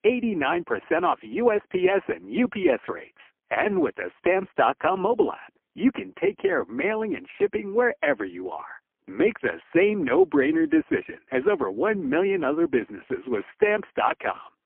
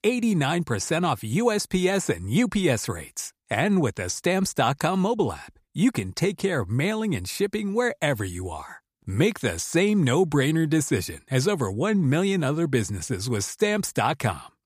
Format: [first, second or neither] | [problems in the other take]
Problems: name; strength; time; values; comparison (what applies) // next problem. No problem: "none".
second | phone-call audio; poor line